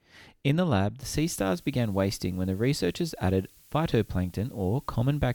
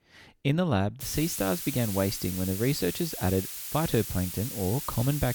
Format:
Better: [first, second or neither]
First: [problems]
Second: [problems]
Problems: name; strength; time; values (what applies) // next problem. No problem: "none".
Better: first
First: hiss; faint; from 1 s on; 25 dB below the speech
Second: hiss; loud; from 1 s on; 6 dB below the speech